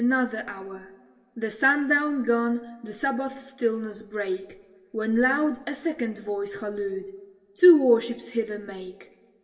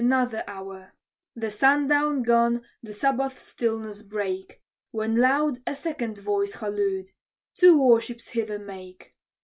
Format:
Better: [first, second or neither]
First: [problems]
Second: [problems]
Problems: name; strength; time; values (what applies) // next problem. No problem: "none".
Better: second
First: room echo; dies away in 1.5 s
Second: none